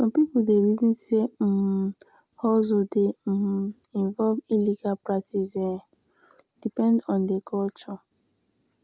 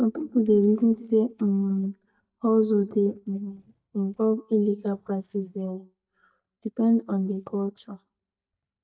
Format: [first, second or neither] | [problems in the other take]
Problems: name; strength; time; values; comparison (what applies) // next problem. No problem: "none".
first | noise reduction (neural mask model DeepFilterNet 3)